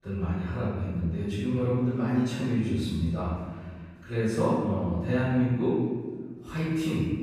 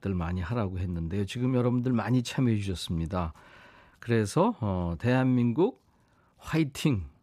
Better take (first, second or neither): second